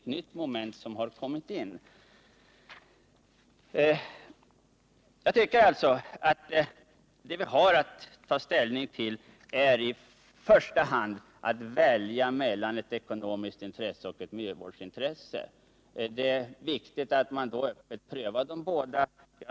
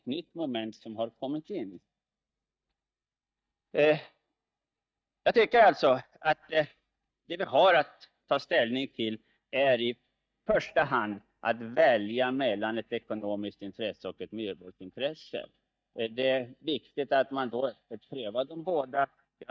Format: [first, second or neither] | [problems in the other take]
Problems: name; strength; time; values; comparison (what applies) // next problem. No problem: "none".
first | noise reduction (neural mask model DeepFilterNet 3)